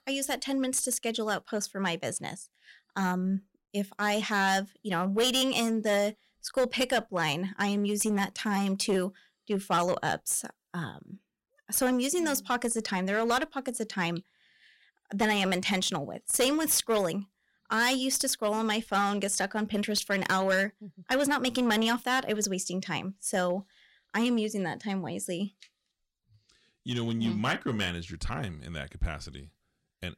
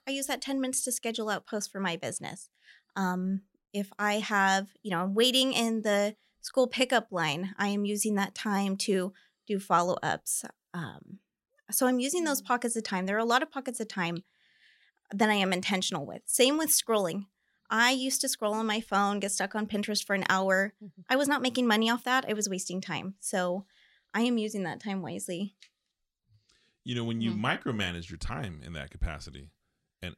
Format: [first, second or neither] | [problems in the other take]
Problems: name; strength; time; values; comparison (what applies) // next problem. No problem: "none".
second | distortion; slight; 5% of the sound clipped